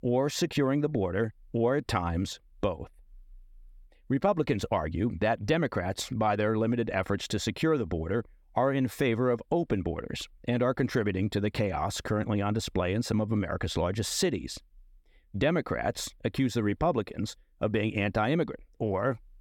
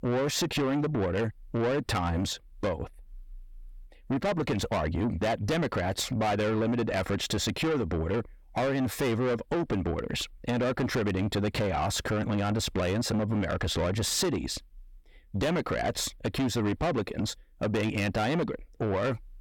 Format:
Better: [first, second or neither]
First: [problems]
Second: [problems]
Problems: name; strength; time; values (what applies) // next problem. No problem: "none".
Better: first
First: none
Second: distortion; heavy; 7 dB below the speech